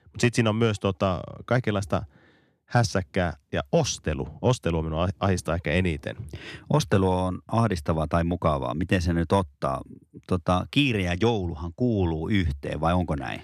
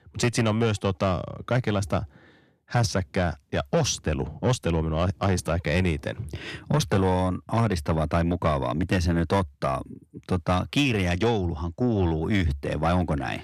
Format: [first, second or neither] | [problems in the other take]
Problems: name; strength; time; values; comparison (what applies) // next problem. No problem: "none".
first | distortion; slight; 10 dB below the speech